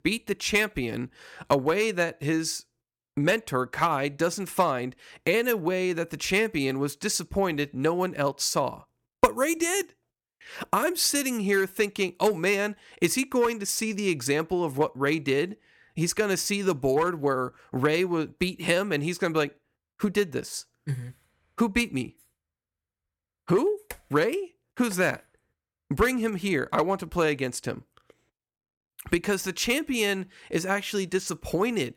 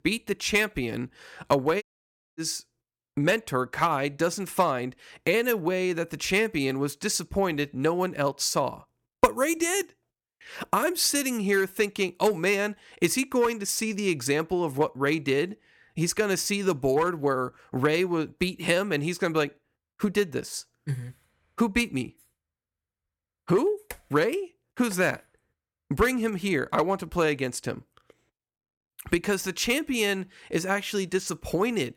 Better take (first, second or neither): first